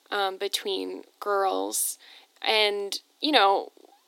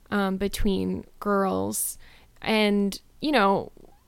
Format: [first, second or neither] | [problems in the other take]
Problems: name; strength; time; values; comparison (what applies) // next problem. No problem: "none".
second | thin; somewhat; fading below 300 Hz